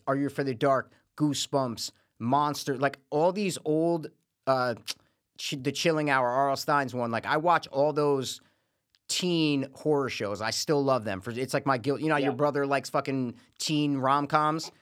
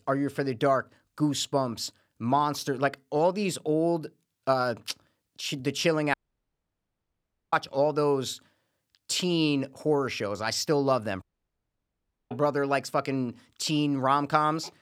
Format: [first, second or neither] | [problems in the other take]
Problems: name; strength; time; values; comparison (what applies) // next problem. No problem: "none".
first | audio cutting out; at 6 s for 1.5 s and at 11 s for 1 s